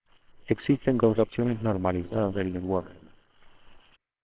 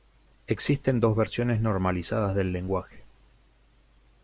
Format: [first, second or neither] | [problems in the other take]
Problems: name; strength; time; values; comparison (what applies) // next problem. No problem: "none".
second | noise reduction (neural separator model SepFormer WHAMR!)